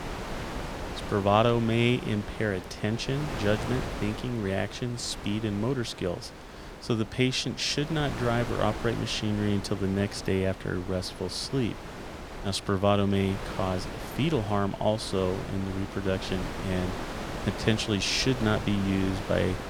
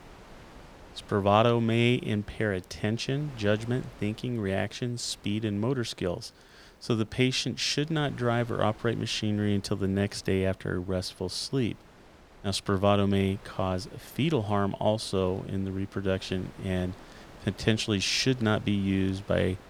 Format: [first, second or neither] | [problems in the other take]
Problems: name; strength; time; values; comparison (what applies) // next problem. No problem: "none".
second | wind noise on the microphone; heavy; 8 dB below the speech; occasional gusts in the second